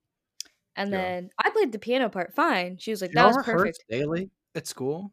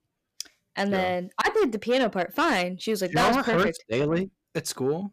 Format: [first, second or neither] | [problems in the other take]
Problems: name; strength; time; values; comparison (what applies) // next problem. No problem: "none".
first | distortion; heavy; 7 dB below the speech